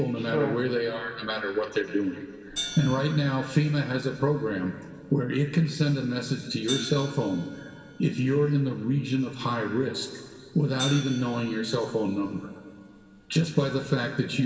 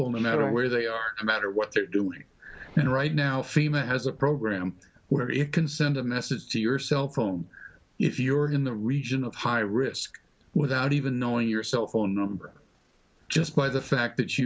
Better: second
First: background sound (Hi-hat); 17 dB below the speech // room echo; dies away in 2.8 s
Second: none

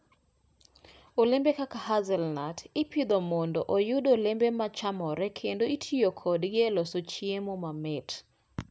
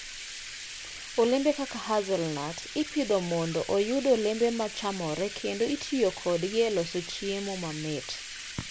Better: first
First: none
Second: background sound (Bathtub (filling or washing)); 11 dB below the speech

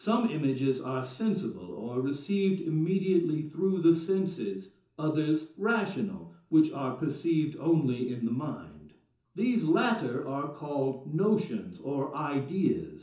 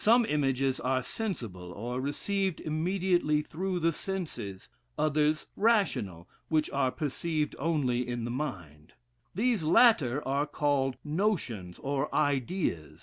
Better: second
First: room echo; dies away in 0.6 s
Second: none

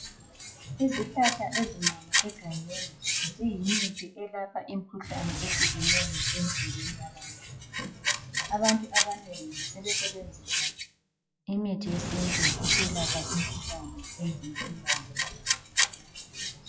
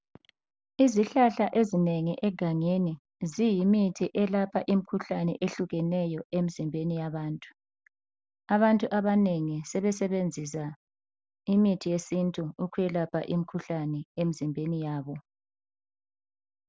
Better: second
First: noise reduction (classical method WPE with log-MMSE)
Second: none

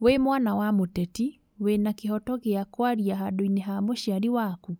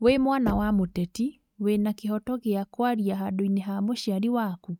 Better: first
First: none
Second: noise reduction (neural mask model RNNoise)

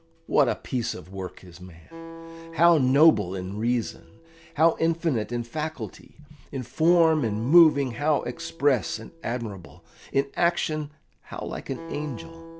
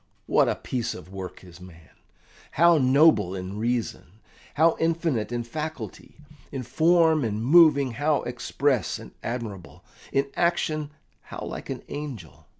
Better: second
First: background sound (Acoustic guitar); 18 dB below the speech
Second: none

